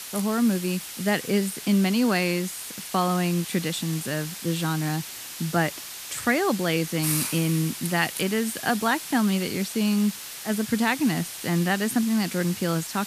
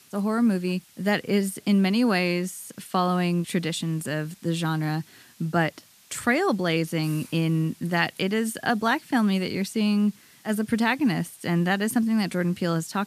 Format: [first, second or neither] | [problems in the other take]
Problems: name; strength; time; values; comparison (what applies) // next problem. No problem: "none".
second | hiss; loud; throughout; 8 dB below the speech; faint in the second